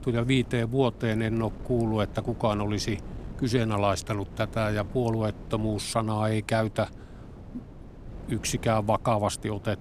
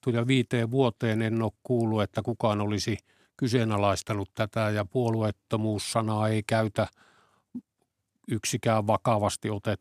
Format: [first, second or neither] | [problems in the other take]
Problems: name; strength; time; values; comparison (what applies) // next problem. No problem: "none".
second | wind noise on the microphone; occasional gusts; 20 dB below the speech